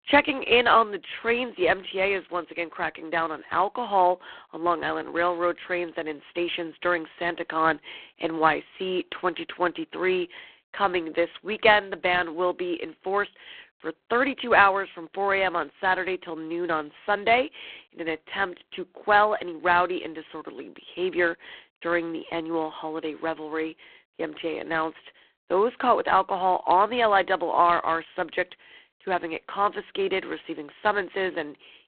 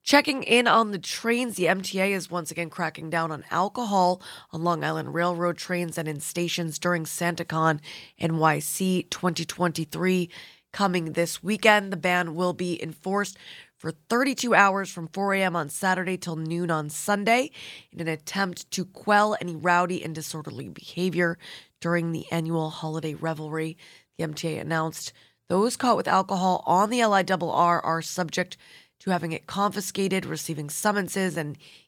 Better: second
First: phone-call audio; poor line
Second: none

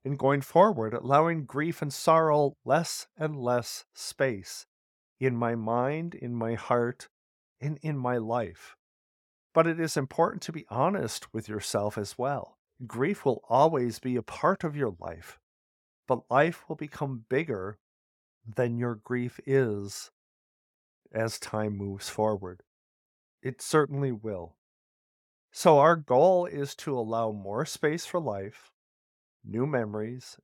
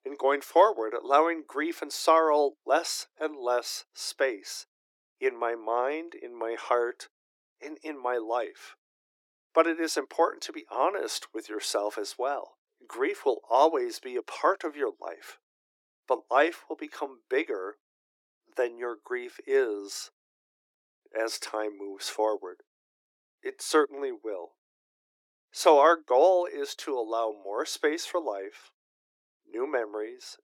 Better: first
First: none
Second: thin; very; fading below 300 Hz

